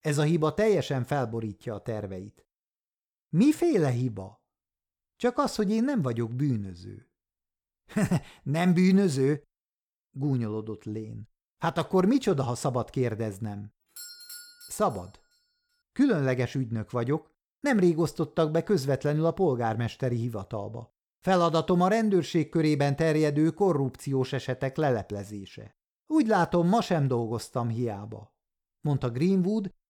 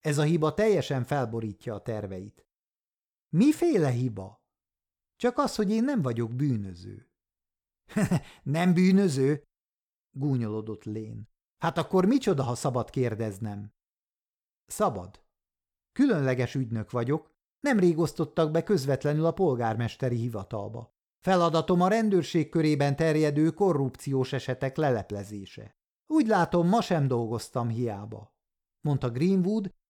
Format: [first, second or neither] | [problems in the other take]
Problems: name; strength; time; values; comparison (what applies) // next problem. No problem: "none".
second | doorbell; faint; from 14 to 15 s; peak 15 dB below the speech